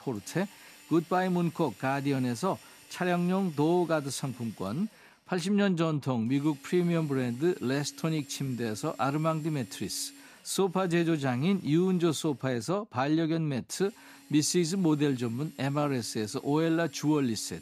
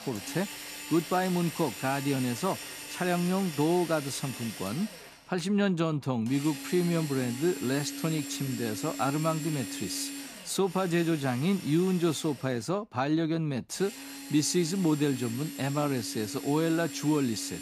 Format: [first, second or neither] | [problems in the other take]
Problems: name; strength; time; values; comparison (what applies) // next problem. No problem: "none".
first | machinery noise; loud; throughout; 10 dB below the speech; faint in the first